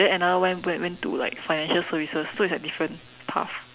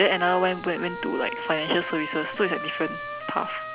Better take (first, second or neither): first